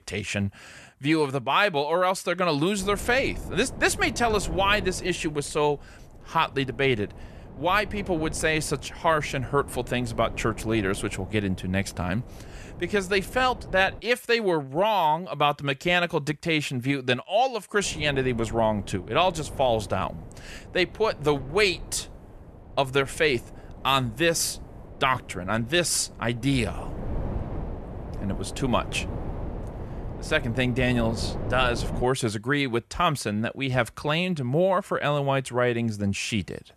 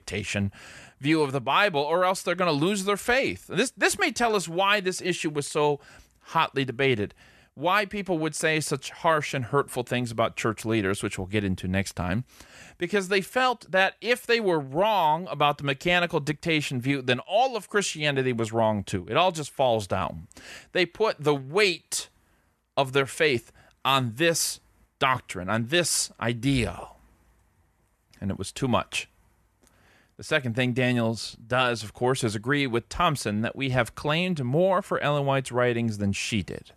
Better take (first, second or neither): second